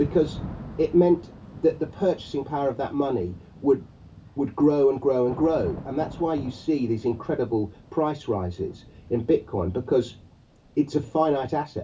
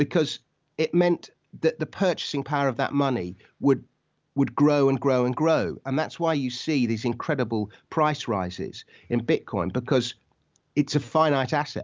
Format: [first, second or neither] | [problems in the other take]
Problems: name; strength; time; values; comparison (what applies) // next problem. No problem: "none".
second | background sound (Thunder / Rain); 17 dB below the speech // room echo; dies away in 0.2 s